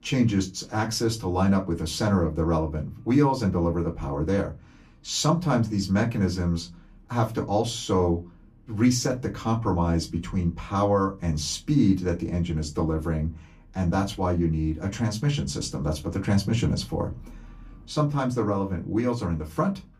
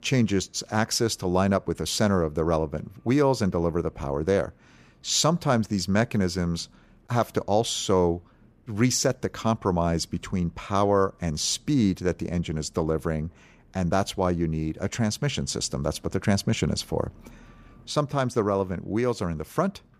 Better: second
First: off-mic speech; far // room echo; very slight; dies away in 0.2 s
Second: none

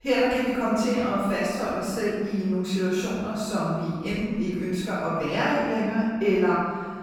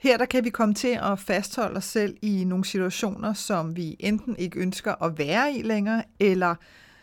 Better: second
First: off-mic speech; far // room echo; strong; dies away in 1.5 s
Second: none

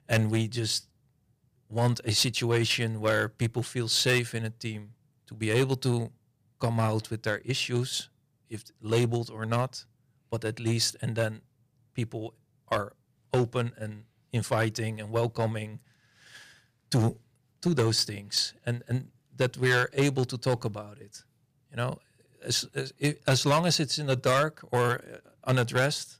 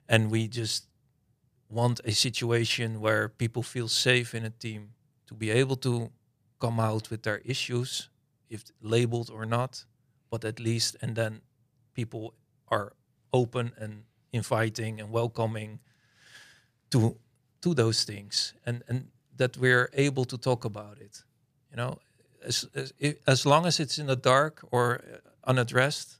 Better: second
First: distortion; slight; 3% of the sound clipped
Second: none

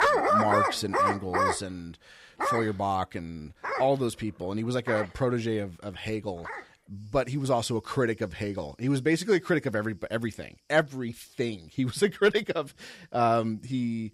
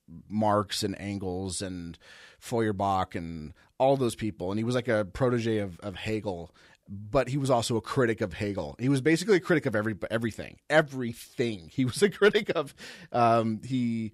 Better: second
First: animal sounds; very loud; throughout; as loud as the speech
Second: none

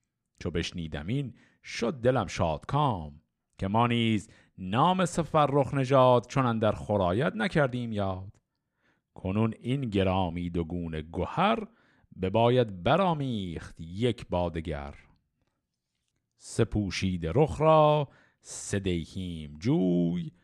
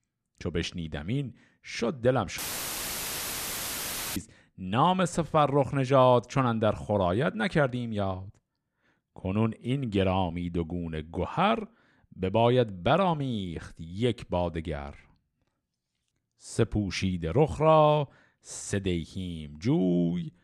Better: first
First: none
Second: audio cutting out; filled with static; at 2.5 s for 2 s

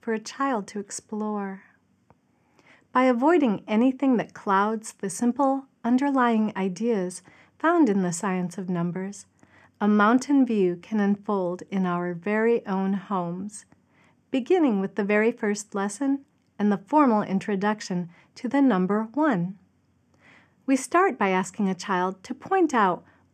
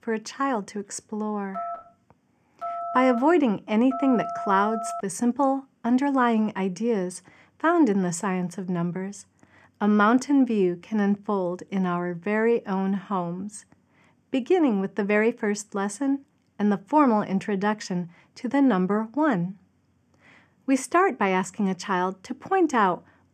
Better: first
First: none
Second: phone ringing; noticeable; from 1.5 to 5 s; peak 7 dB below the speech

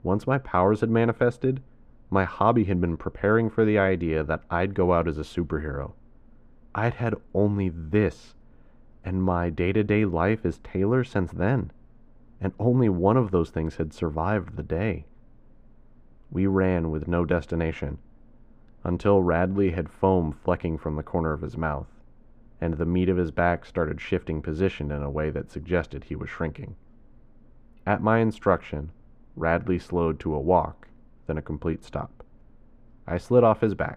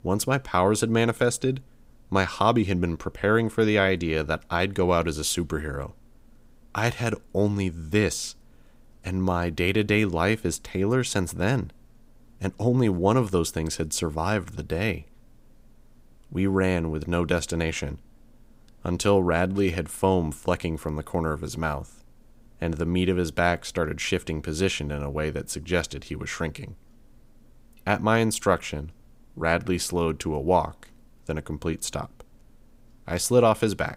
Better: second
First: muffled; very; fading above 3.5 kHz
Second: none

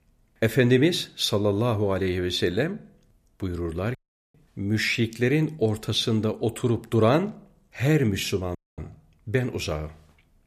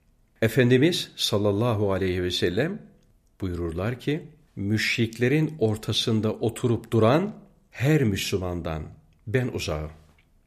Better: second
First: audio cutting out; at 4 s and at 8.5 s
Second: none

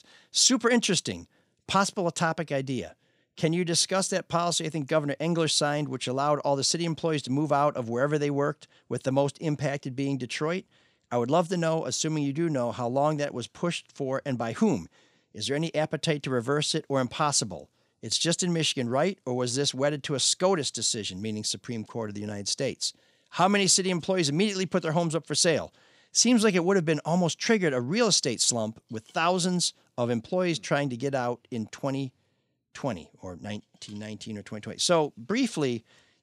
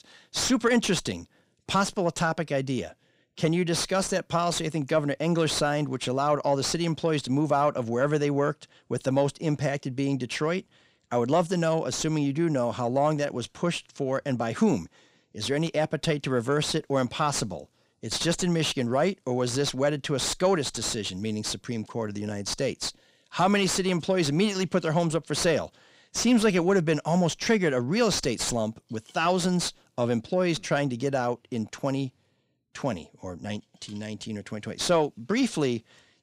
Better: first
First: none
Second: distortion; slight; 10 dB below the speech

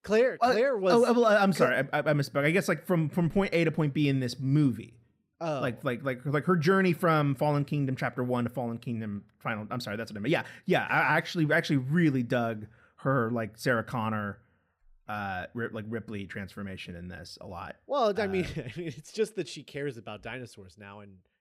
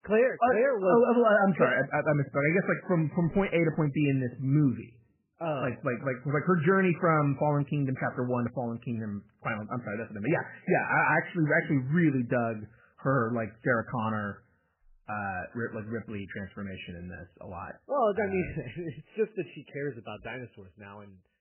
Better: first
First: none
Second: garbled, watery; badly; nothing above 3 kHz

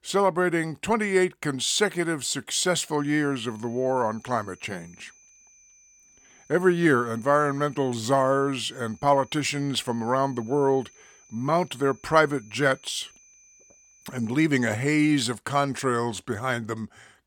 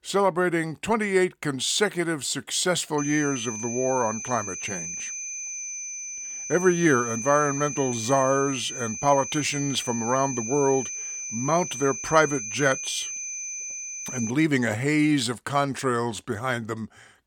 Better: first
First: high-pitched whine; faint; from 3 to 14 s; 6 kHz, 30 dB below the speech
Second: high-pitched whine; loud; from 3 to 14 s; 6 kHz, 6 dB below the speech

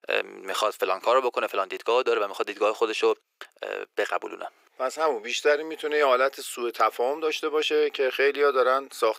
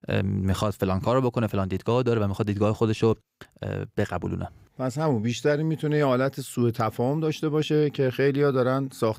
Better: second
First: thin; very; fading below 400 Hz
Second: none

